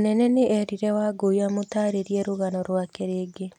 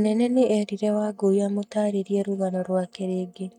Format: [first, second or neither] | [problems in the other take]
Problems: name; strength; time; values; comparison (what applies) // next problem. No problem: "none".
first | noise reduction (neural mask model DeepFilterNet 3)